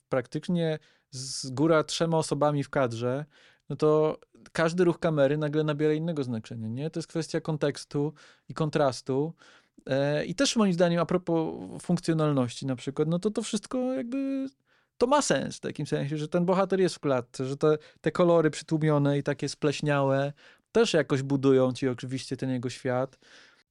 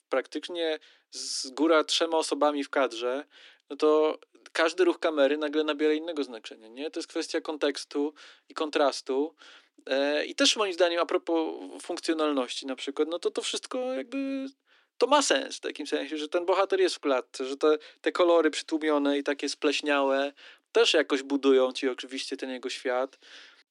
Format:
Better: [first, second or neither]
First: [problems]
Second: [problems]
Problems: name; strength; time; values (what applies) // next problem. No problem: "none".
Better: first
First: none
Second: thin; very slightly; fading below 300 Hz